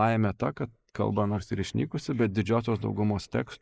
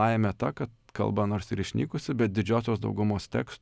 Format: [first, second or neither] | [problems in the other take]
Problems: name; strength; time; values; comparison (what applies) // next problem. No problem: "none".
second | noise reduction (neural mask model Resemble Enhance denoiser)